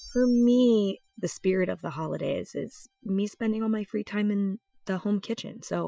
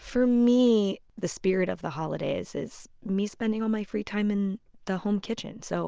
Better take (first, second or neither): second